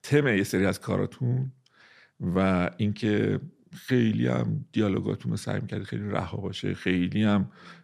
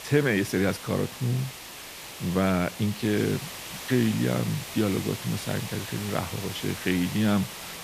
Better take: first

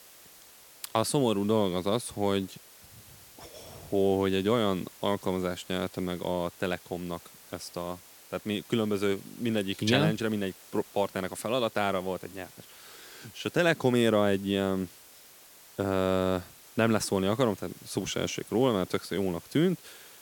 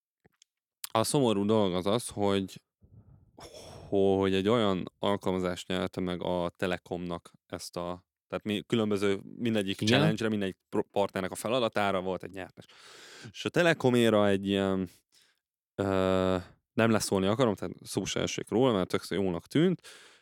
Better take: second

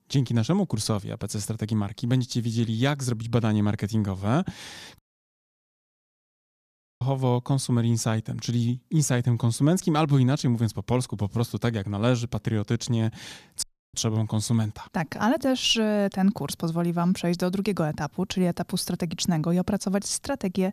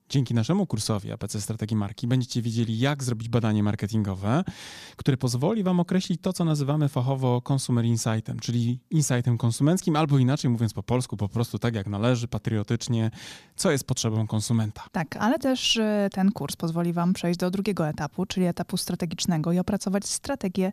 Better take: second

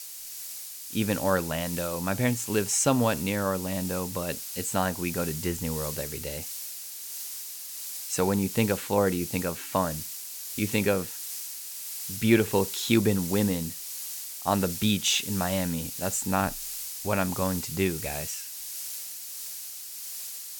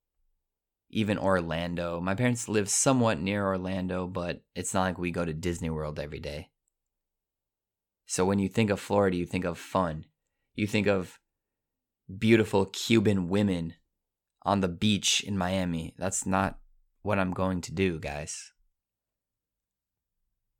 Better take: second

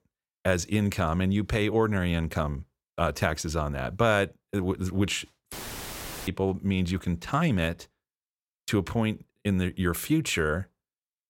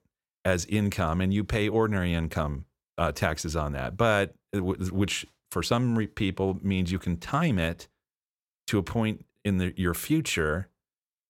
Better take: second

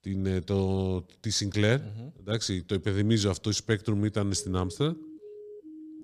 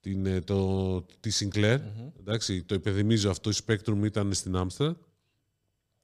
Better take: second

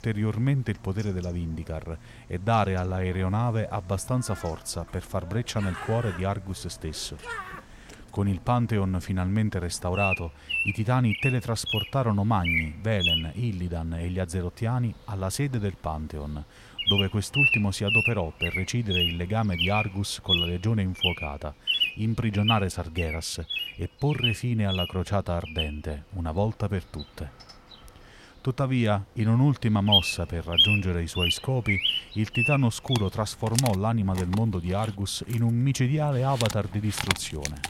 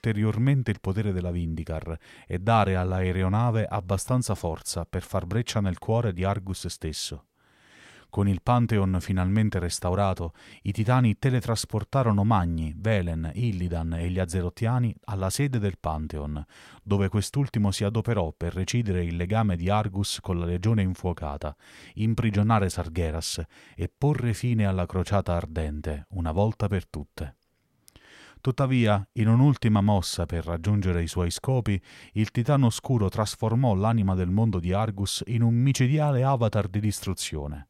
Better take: second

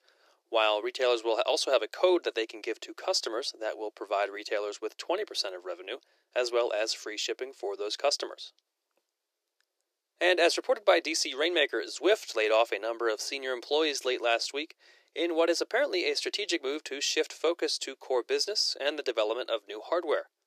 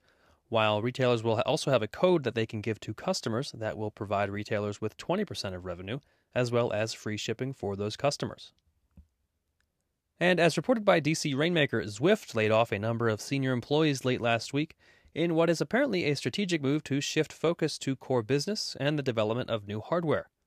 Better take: second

